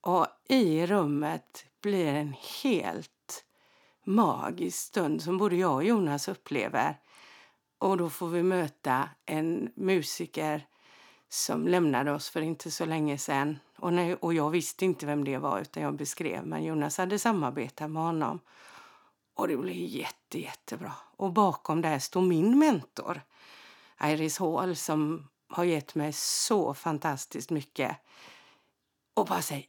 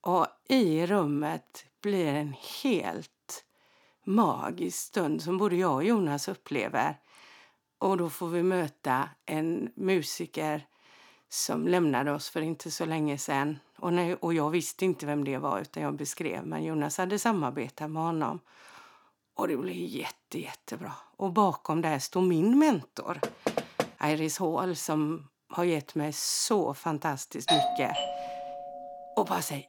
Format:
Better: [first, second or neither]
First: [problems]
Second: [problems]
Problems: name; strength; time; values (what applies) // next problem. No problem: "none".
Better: first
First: none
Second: door banging; noticeable; at 23 s; peak 2 dB below the speech // doorbell; loud; from 27 to 29 s; peak 4 dB above the speech